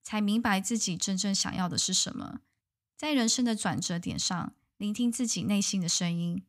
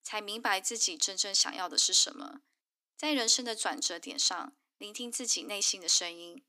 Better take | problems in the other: first | thin; somewhat; fading below 300 Hz

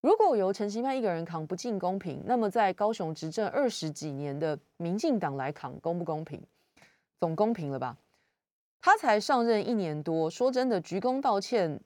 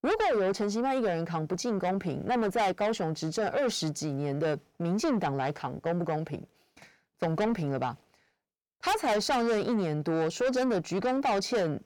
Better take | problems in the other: first | distortion; heavy; 6 dB below the speech

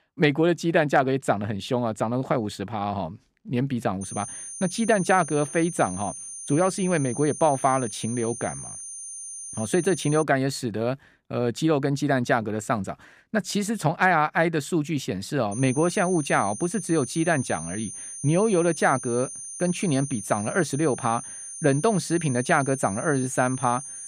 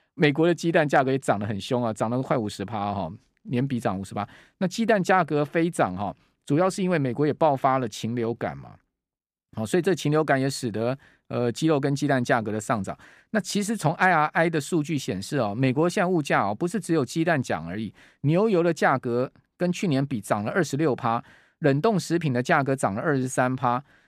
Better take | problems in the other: second | high-pitched whine; loud; from 4 to 10 s and from 16 s on; 9 kHz, 10 dB below the speech

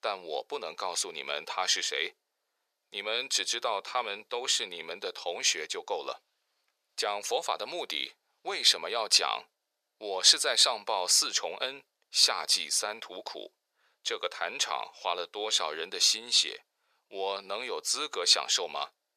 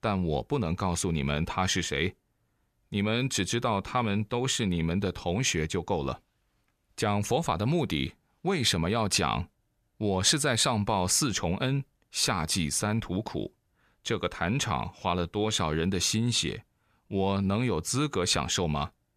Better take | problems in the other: second | thin; very; fading below 500 Hz

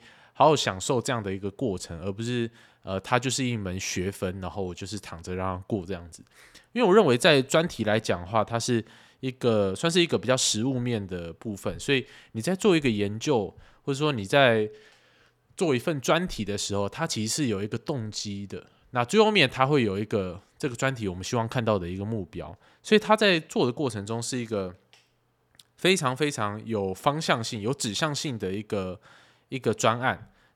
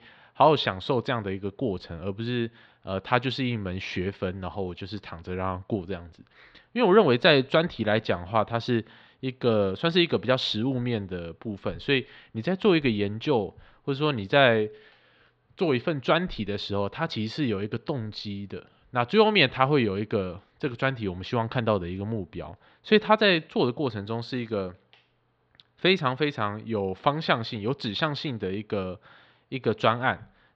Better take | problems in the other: first | muffled; very slightly; fading above 4 kHz

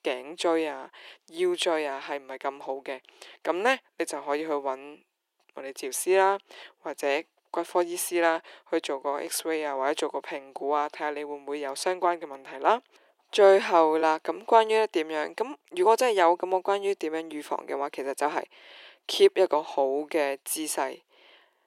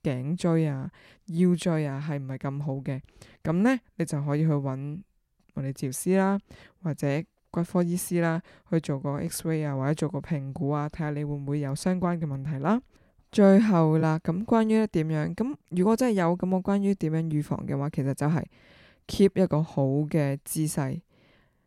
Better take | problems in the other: second | thin; very; fading below 350 Hz

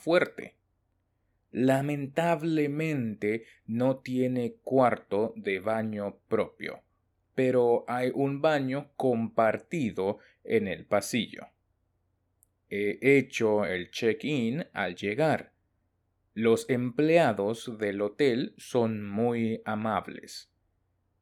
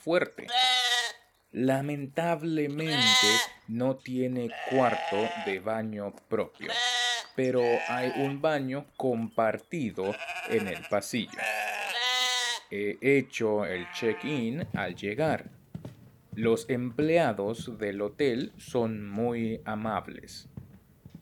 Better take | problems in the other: first | animal sounds; very loud; throughout; 2 dB above the speech

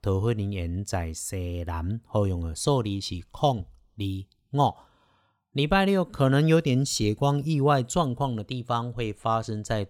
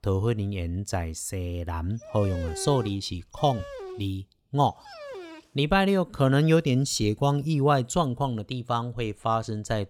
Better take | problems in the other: first | dog barking; faint; from 2 to 5.5 s; peak 10 dB below the speech

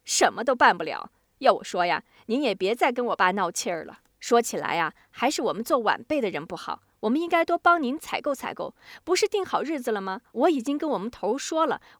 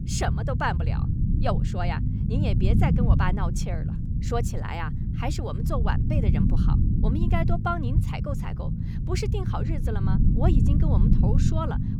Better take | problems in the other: first | low rumble; loud; throughout; 4 dB below the speech

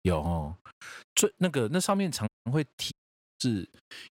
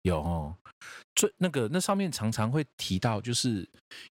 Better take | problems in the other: second | audio cutting out; at 2.5 s and at 3 s

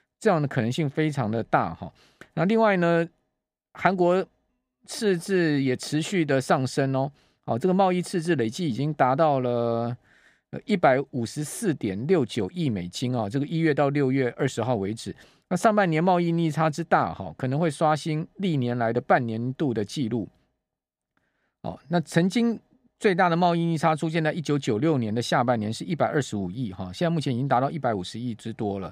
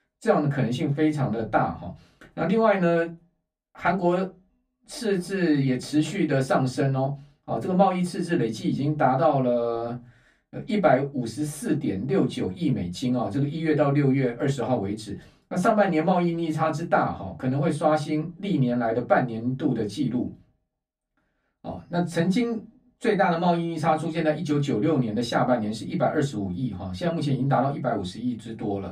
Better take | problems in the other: first | off-mic speech; far // room echo; very slight; dies away in 0.2 s

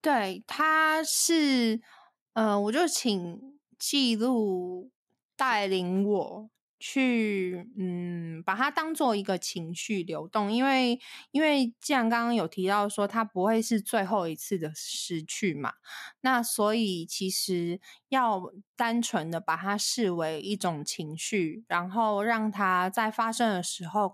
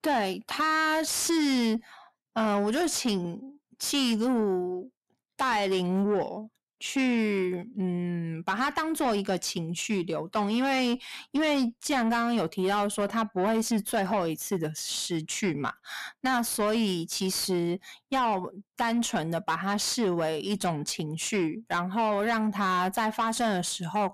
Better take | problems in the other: first | distortion; slight; 10 dB below the speech

